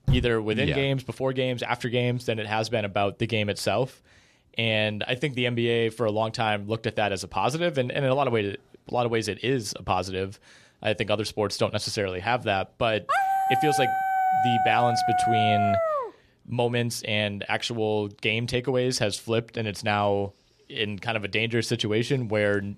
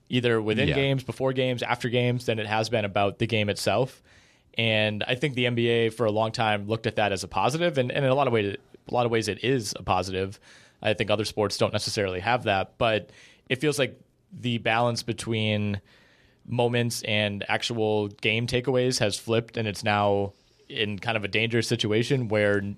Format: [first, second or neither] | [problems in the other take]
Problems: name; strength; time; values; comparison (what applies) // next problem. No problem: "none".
second | door banging; noticeable; at the start; peak 1 dB below the speech // dog barking; loud; from 13 to 16 s; peak 4 dB above the speech